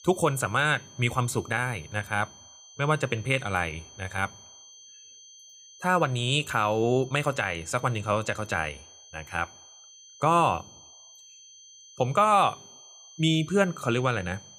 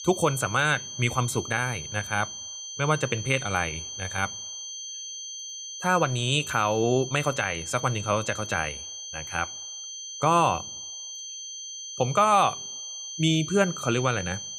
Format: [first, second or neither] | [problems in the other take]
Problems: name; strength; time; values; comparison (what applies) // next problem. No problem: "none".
first | high-pitched whine; loud; throughout; 6 kHz, 9 dB below the speech; faint in the first